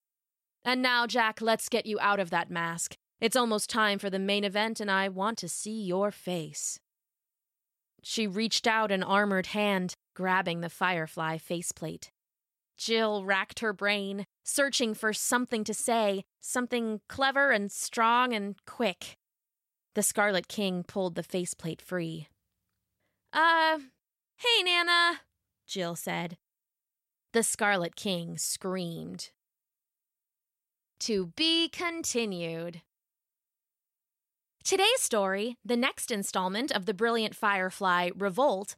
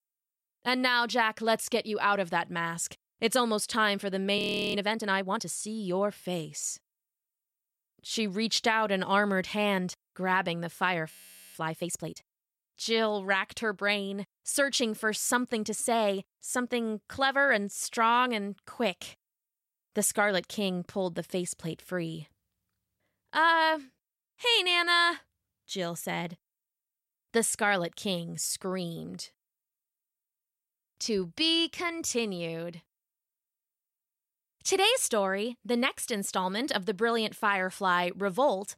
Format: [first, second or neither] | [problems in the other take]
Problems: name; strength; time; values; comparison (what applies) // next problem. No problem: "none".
first | audio freezing; at 4.5 s and at 11 s